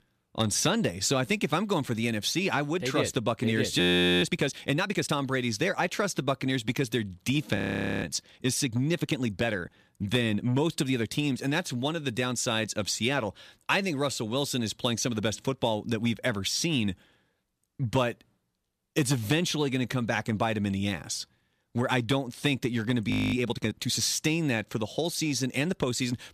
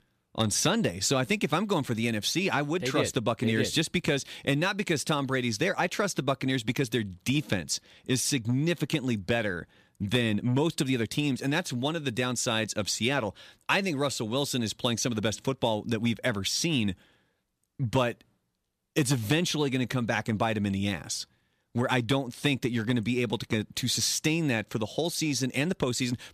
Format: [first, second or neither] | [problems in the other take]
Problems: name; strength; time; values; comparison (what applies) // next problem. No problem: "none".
second | audio freezing; at 4 s, at 7.5 s and at 23 s